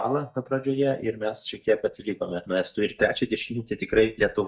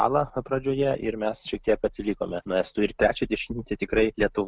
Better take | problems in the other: second | noise reduction (neural mask model DeepFilterNet 3)

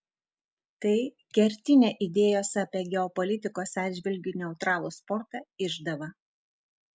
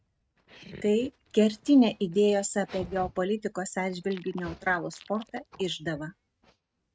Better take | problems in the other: first | noise reduction (neural mask model RNNoise)

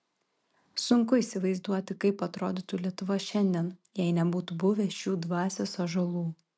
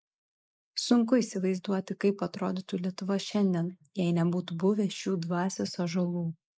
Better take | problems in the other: first | noise reduction (neural mask model Resemble Enhance denoiser)

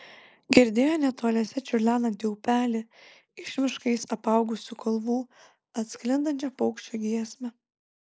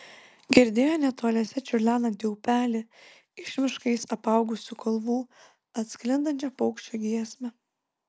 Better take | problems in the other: second | noise reduction (neural mask model Resemble Enhance denoiser)

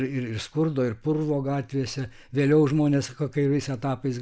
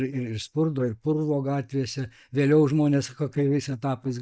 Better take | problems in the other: first | noise reduction (neural mask model DeepFilterNet 3)

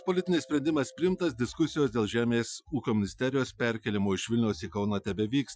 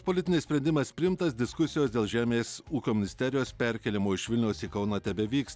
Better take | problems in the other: second | noise reduction (classical method Wiener filter)

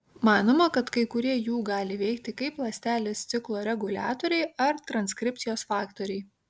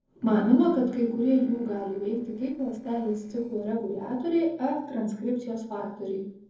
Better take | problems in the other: first | noise reduction (neural separator model SepFormer DNS4)

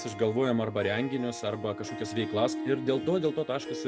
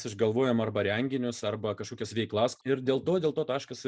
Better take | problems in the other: second | background sound (Harp); 8 dB below the speech

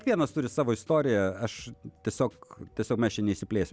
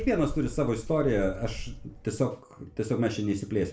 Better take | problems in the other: first | background sound (Bird); 11 dB below the speech // room echo; dies away in 0.3 s

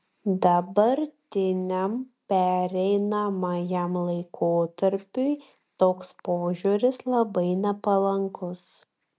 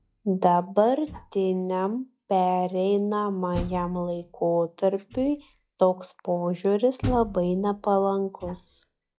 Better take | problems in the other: first | noise reduction (classical method log-MMSE)

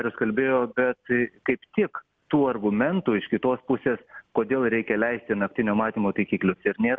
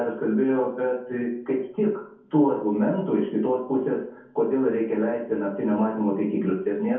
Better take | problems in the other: first | room echo; dies away in 0.6 s

